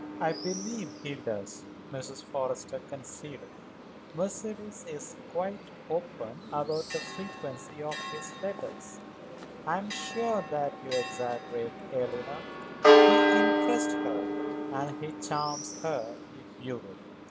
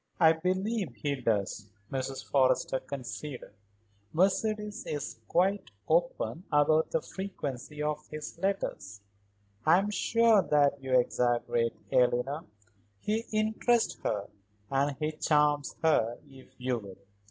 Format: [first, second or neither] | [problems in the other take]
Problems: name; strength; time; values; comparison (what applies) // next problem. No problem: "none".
second | background sound (Church bell); 4 dB above the speech